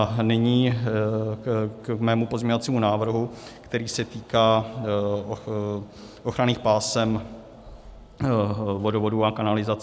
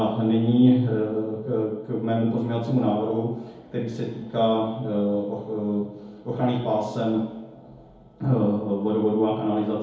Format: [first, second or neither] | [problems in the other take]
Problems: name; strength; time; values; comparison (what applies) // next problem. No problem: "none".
first | room echo; dies away in 1.9 s